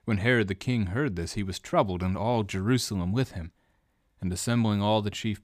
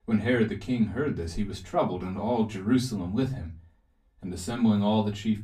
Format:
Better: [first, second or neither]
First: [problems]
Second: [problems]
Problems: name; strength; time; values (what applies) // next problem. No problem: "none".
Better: first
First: none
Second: off-mic speech; far // room echo; very slight; dies away in 0.3 s